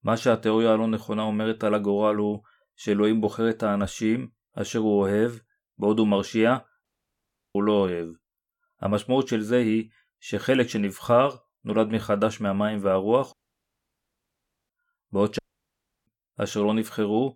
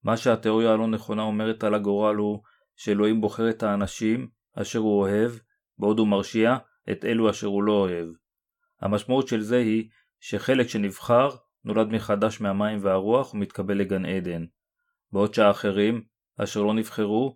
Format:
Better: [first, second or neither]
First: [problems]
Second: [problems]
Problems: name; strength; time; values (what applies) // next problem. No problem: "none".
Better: second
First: audio cutting out; at 7 s for 0.5 s, at 13 s for 1.5 s and at 15 s for 0.5 s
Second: none